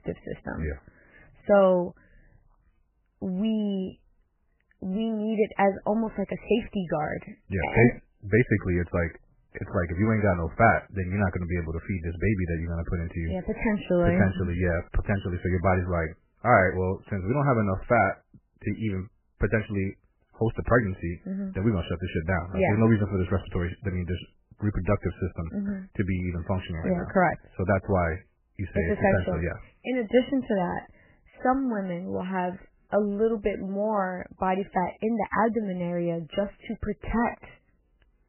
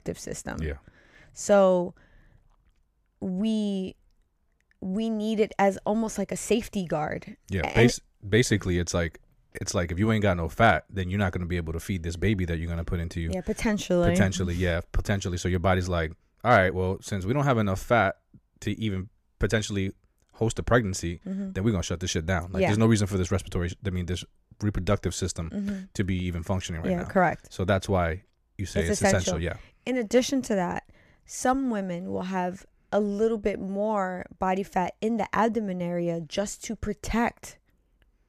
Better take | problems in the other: second | garbled, watery; badly; nothing above 3 kHz

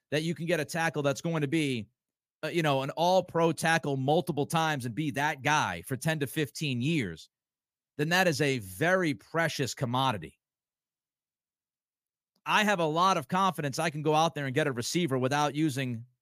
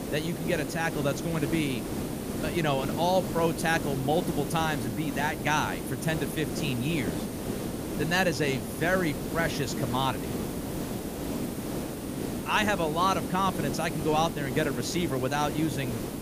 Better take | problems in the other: first | hiss; loud; throughout; 5 dB below the speech

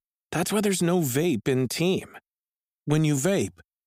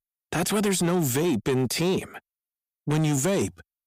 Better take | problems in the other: first | distortion; slight; 10 dB below the speech

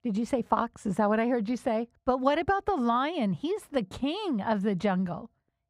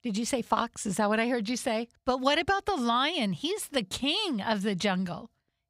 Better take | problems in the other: second | muffled; slightly; fading above 2 kHz

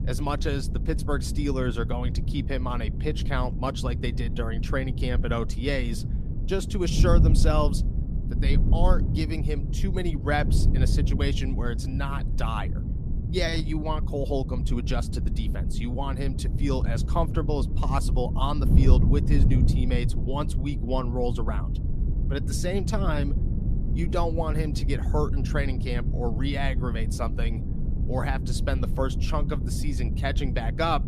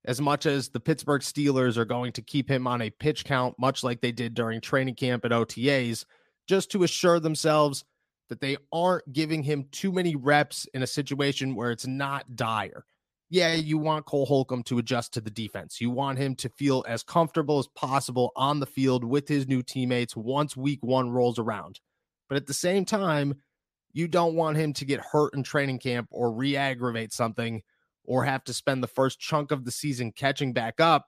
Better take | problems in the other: second | wind noise on the microphone; heavy; 9 dB below the speech

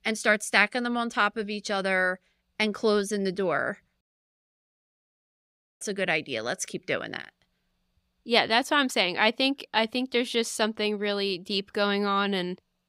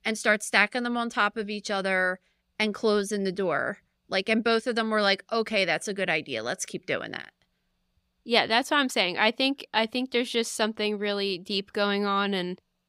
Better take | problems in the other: second | audio cutting out; at 4 s for 2 s

